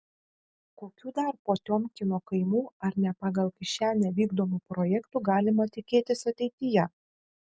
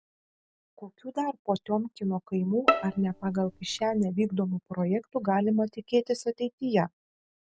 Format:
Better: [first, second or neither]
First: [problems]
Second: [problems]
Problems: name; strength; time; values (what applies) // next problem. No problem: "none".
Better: first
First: none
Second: background sound (Bowed string instrument); 2 dB below the speech